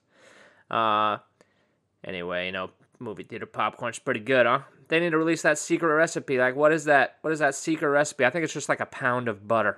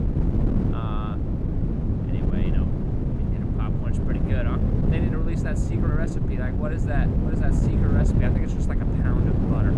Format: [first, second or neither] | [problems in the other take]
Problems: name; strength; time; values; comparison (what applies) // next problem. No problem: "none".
first | wind noise on the microphone; heavy; 4 dB above the speech